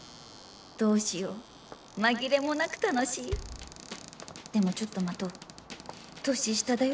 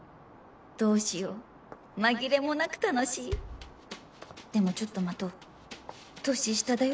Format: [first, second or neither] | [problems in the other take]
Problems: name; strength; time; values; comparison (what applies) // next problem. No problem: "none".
second | background sound (Cupboard open or close); 20 dB below the speech